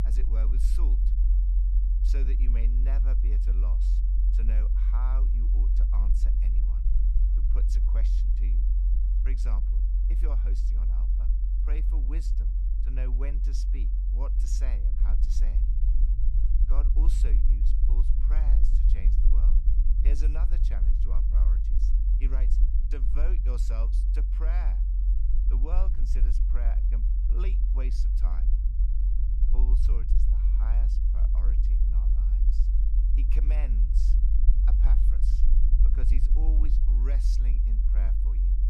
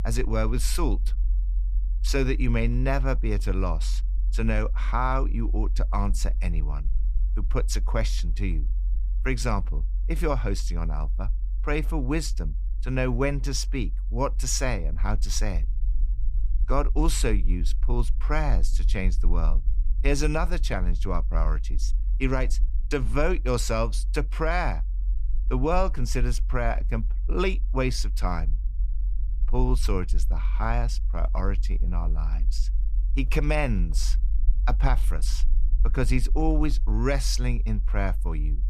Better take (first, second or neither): second